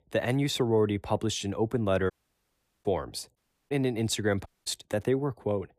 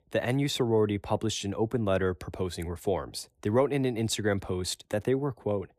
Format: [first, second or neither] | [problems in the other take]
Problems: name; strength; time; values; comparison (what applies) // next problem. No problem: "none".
second | audio cutting out; at 2 s for 1 s, at 3.5 s and at 4.5 s